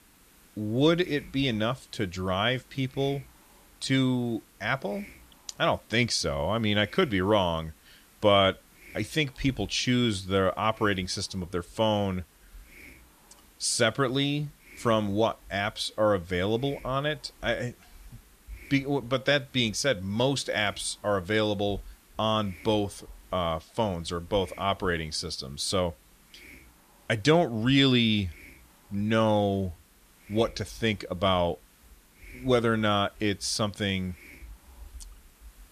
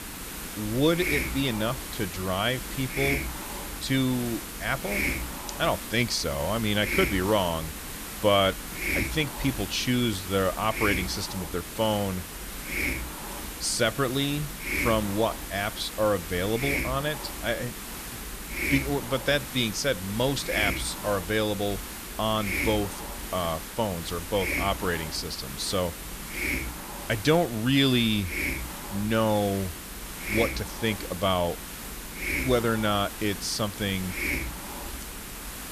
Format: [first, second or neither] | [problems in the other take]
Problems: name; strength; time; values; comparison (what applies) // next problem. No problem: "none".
first | hiss; loud; throughout; 5 dB below the speech; faint in the first